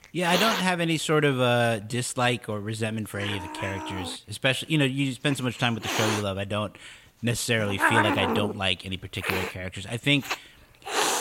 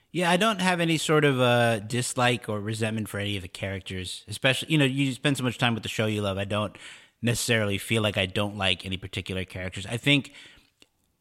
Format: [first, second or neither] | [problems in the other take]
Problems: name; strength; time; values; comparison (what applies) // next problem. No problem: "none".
second | hiss; loud; throughout; 2 dB below the speech